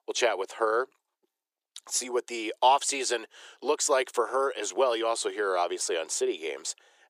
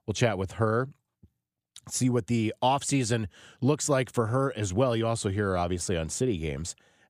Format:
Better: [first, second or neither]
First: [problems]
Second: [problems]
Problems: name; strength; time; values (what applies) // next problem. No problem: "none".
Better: second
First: thin; very; fading below 350 Hz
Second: none